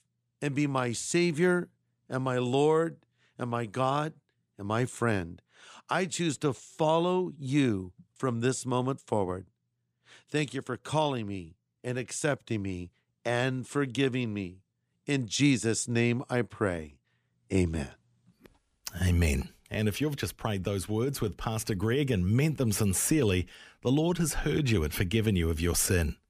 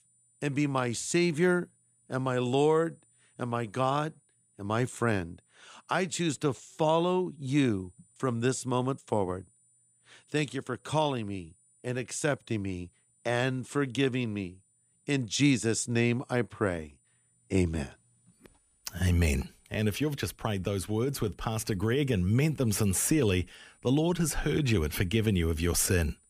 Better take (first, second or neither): first